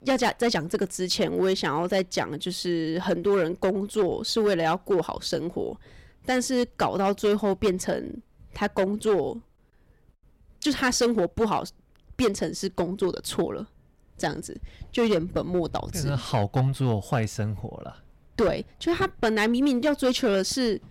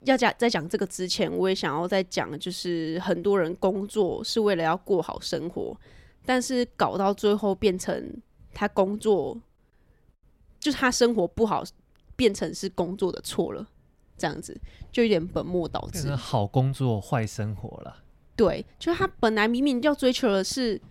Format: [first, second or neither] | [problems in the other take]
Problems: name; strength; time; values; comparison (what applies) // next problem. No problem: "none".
second | distortion; slight; 5% of the sound clipped